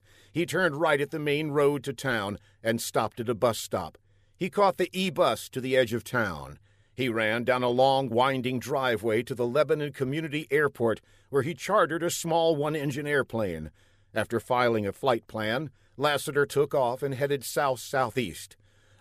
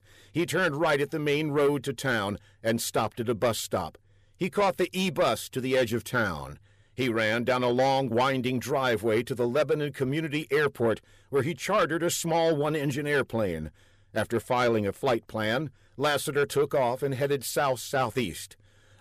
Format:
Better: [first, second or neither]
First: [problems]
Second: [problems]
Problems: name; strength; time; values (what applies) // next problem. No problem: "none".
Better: first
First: none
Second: distortion; slight; 10 dB below the speech